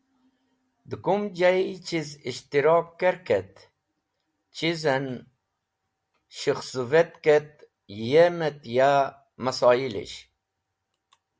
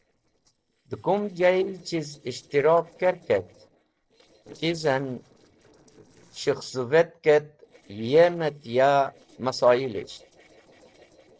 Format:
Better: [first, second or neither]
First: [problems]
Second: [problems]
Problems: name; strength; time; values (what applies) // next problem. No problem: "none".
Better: first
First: none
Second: noise reduction (neural separator model SepFormer DNS4)